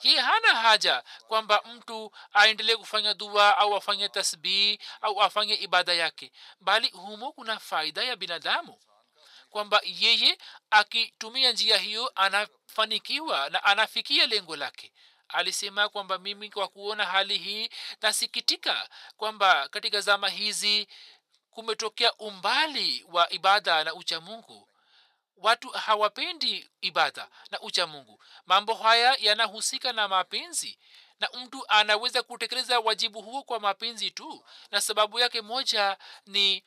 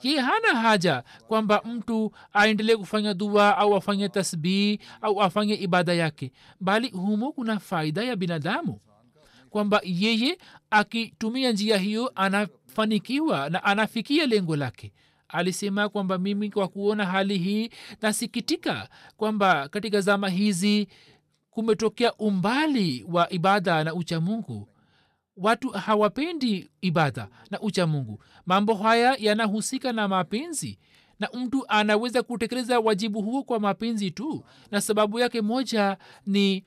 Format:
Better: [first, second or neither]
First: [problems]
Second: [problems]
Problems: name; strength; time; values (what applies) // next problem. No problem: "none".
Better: second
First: thin; very; fading below 850 Hz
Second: none